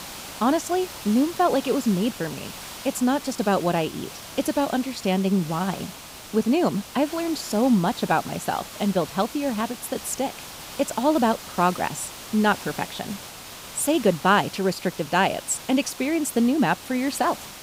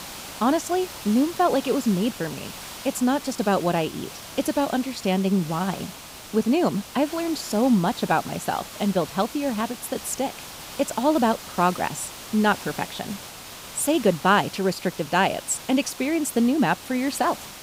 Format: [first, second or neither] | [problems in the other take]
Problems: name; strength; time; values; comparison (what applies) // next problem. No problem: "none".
neither | hiss; noticeable; throughout; 15 dB below the speech; the same in both